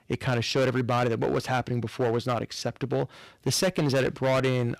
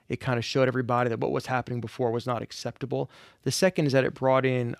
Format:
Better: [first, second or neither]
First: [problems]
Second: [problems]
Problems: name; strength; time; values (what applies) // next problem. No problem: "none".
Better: second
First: distortion; heavy; 13% of the sound clipped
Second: none